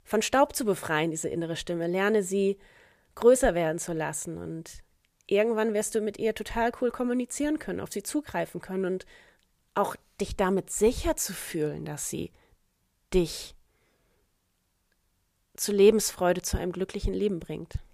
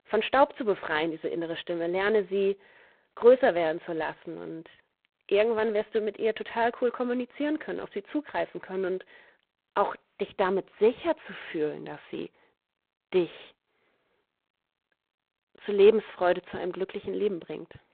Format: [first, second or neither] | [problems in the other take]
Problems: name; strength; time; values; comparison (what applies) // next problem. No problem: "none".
first | phone-call audio; poor line; nothing above 3.5 kHz